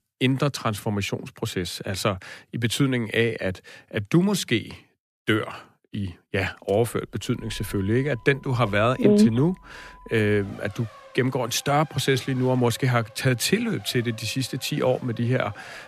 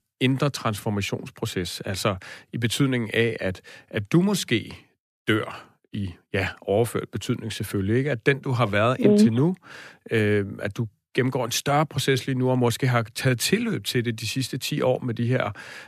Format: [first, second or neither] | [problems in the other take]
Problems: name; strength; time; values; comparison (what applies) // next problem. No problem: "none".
second | traffic noise; faint; from 6.5 s on; 25 dB below the speech